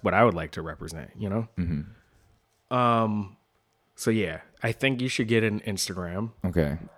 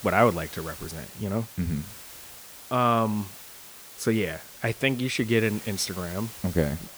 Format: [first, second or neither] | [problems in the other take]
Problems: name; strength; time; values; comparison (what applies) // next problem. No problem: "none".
first | hiss; noticeable; throughout; 15 dB below the speech